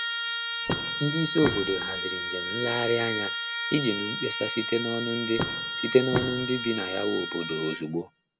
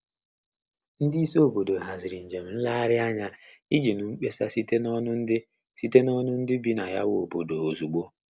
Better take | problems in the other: second | background sound (Walk, footsteps + Trumpet); 2 dB below the speech

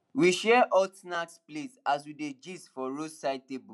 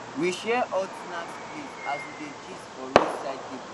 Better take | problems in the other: first | background sound (Fireworks); 2 dB above the speech

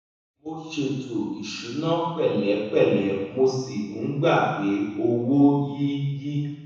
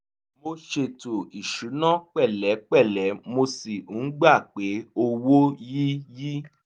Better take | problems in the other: second | room echo; dies away in 1.1 s

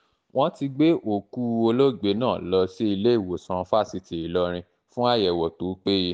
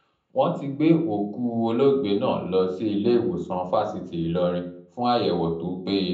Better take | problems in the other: first | room echo; dies away in 0.6 s

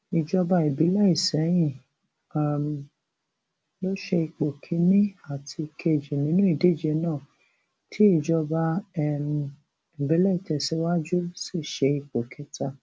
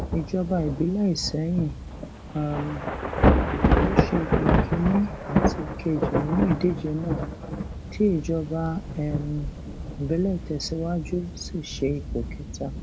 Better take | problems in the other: first | background sound (Thunder / Rain); 1 dB above the speech

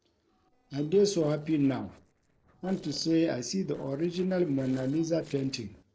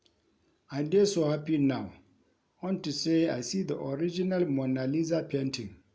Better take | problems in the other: second | noise reduction (neural separator model SepFormer DNS4)

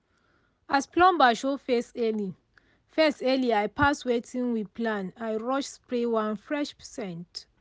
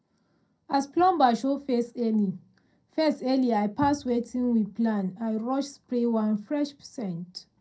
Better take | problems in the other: first | room echo; dies away in 0.2 s

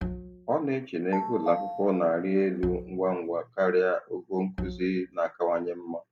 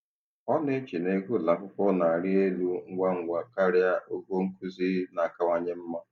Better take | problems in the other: second | background sound (Telephone + Bowed string instrument); 9 dB below the speech

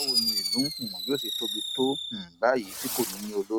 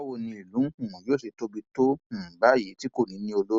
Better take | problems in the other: second | background sound (Fireworks); 1 dB below the speech

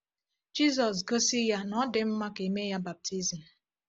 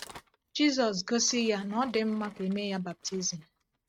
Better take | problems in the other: first | noise reduction (neural mask model RNNoise)

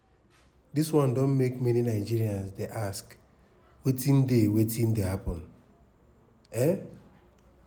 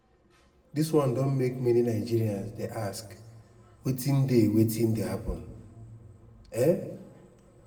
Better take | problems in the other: first | room echo; dies away in 1.3 s

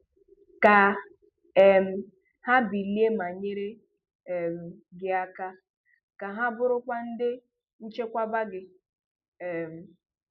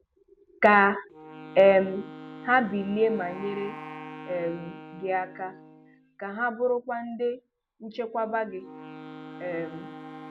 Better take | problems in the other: first | background sound (Wind instrument, woodwind instrument + Wind instrument, woodwind instrument); 16 dB below the speech

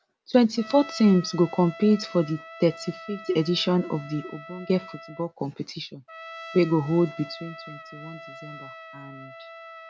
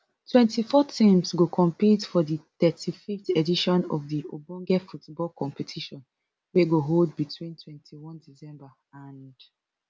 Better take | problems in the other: second | background sound (Trumpet); 17 dB below the speech

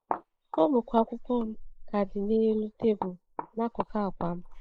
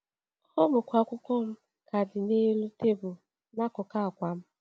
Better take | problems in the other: second | noise reduction (neural mask model Resemble Enhance denoiser)

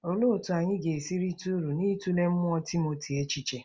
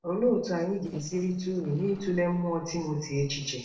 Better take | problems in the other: first | noise reduction (neural separator model SepFormer DNS4)

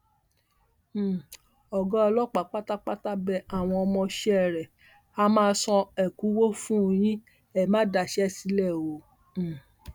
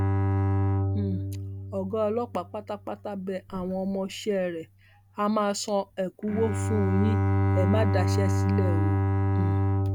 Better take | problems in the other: first | background sound (Bowed string instrument); 4 dB above the speech

